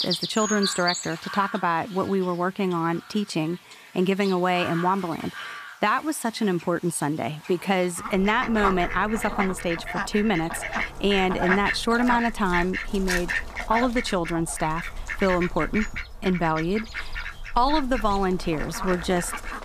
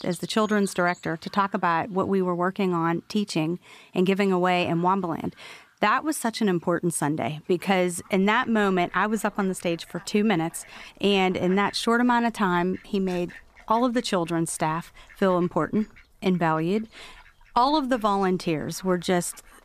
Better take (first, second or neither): second